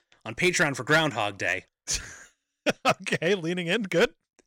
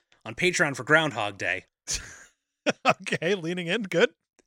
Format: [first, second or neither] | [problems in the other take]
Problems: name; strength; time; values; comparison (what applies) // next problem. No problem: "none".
second | distortion; slight; 2% of the sound clipped